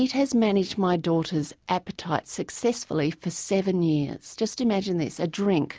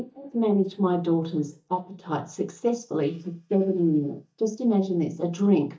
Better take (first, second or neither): first